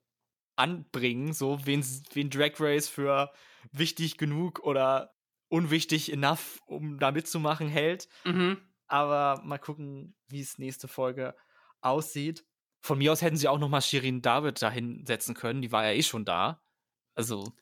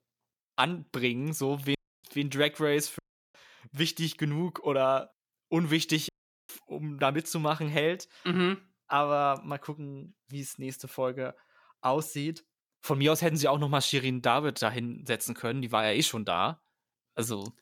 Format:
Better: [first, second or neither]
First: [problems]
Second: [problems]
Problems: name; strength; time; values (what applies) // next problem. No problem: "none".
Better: first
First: none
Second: audio cutting out; at 2 s, at 3 s and at 6 s